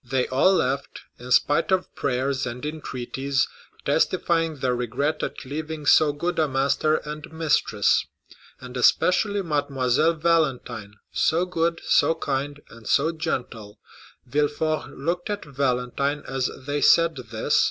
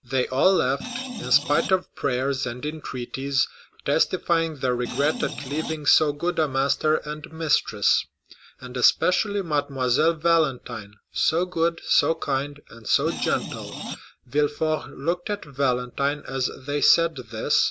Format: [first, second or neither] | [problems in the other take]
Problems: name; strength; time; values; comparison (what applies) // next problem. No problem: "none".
first | background sound (Screech); 9 dB below the speech